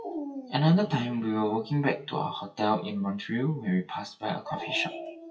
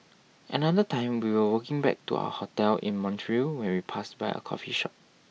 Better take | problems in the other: second | noise reduction (classical method WPE with log-MMSE)

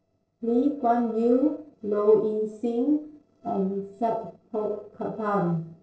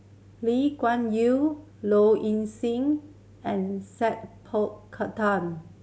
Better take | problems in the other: second | noise reduction (neural separator model SepFormer DNS4)

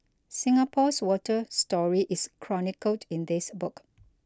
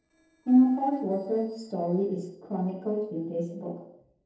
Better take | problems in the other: first | noise reduction (neural separator model SepFormer DNS4)

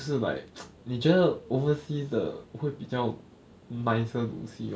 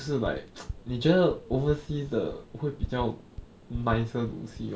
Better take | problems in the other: first | background sound (Typing); 11 dB below the speech

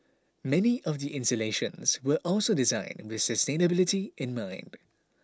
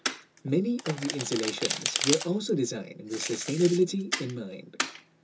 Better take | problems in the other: first | background sound (Domestic sounds, home sounds); 5 dB below the speech // room echo; dies away in 0.2 s

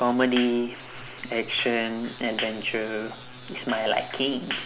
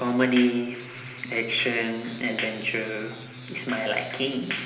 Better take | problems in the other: first | room echo; dies away in 1 s

